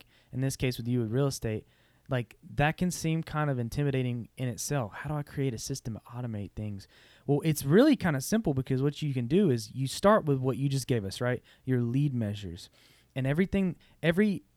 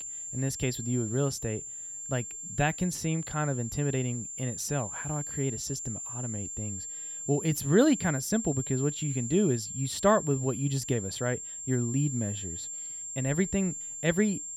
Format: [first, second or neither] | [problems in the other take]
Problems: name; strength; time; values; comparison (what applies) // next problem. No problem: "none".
first | high-pitched whine; loud; throughout; 7.5 kHz, 6 dB below the speech